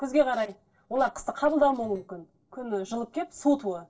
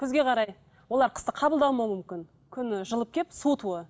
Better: second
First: noise reduction (neural separator model SepFormer DNS4)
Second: none

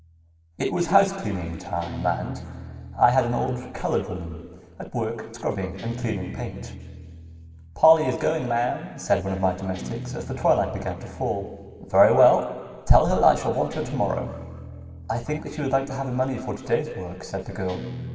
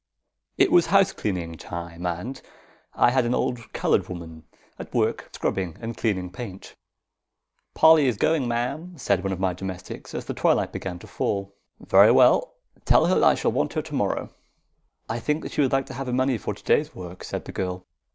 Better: second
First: background sound (Guitar); 15 dB below the speech // room echo; dies away in 2 s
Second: none

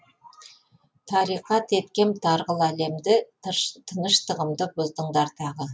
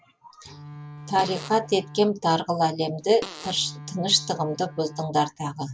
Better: first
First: none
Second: background sound (Bowed string instrument + Fart); 15 dB below the speech

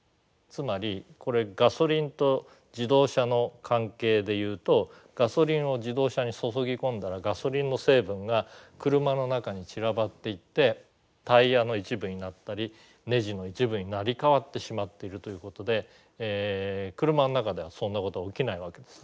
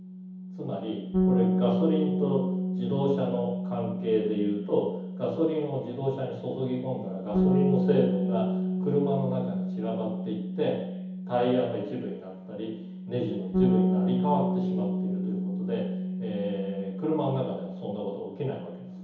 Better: first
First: none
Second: background sound (Bass guitar); 1 dB above the speech // room echo; dies away in 2.2 s

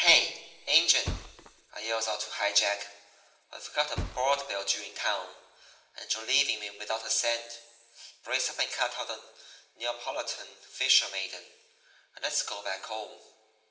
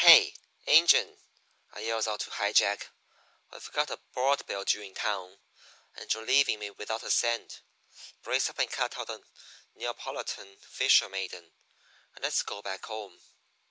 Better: second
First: background sound (Thump, thud); 11 dB below the speech // room echo; dies away in 1.9 s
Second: none

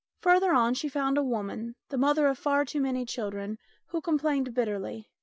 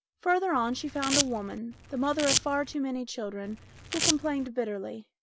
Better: first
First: none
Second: background sound (Domestic sounds, home sounds); 2 dB below the speech

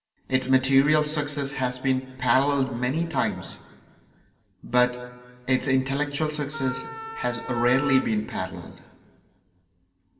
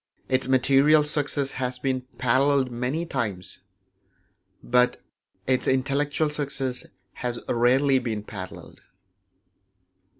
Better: second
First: background sound (Wind instrument, woodwind instrument); 8 dB below the speech // room echo; dies away in 1.8 s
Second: none

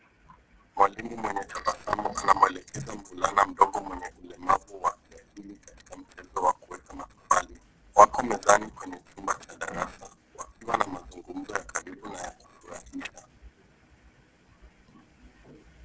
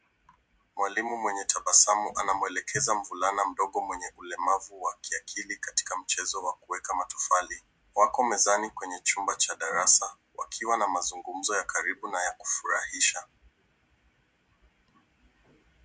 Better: second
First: noise reduction (neural separator model SepFormer DNS4)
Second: none

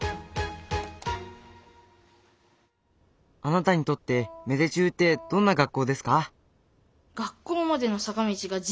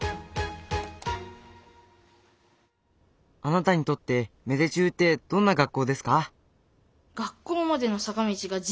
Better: second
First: background sound (Wind instrument, woodwind instrument); 19 dB below the speech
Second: none

